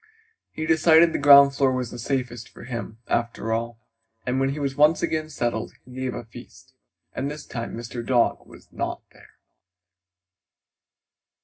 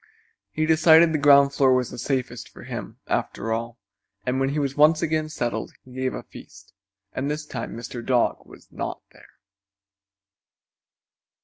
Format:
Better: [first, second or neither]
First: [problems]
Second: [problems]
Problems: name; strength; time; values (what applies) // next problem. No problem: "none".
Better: second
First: room echo; dies away in 0.4 s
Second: none